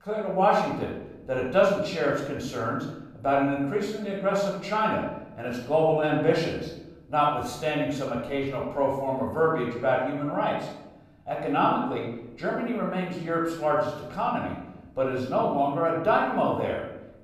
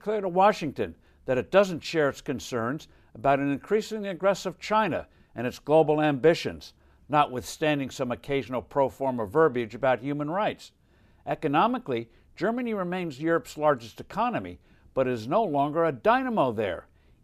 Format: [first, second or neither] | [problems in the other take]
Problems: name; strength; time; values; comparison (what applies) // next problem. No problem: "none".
second | off-mic speech; far // room echo; noticeable; dies away in 0.8 s